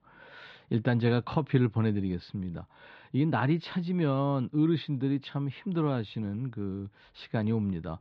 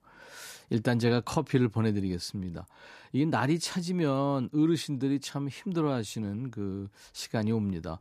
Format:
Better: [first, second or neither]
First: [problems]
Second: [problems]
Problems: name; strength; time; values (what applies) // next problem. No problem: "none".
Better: second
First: muffled; slightly; fading above 3.5 kHz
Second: none